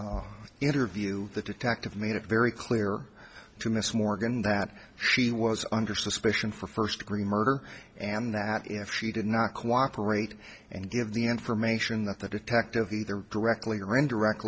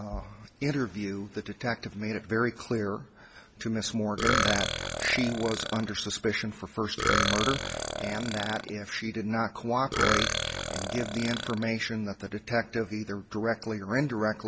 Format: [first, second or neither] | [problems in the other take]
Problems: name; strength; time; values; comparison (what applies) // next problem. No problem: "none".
first | background sound (Burping, eructation); as loud as the speech